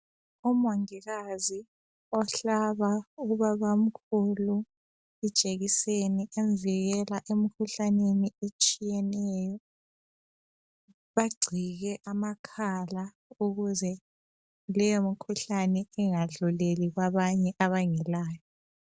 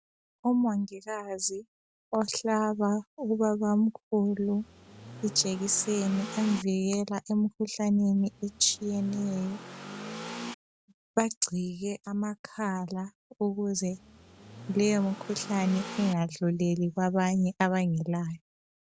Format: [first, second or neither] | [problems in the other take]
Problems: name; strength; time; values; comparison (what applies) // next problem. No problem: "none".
first | background sound (Accelerating, revving, vroom / Car); 13 dB below the speech